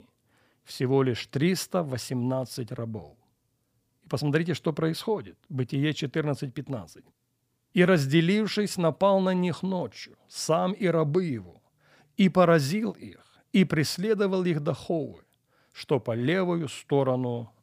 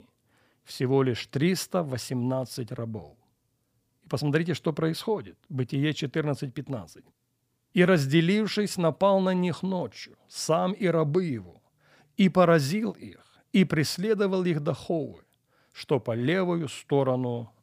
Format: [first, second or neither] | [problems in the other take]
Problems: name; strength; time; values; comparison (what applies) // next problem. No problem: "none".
neither | none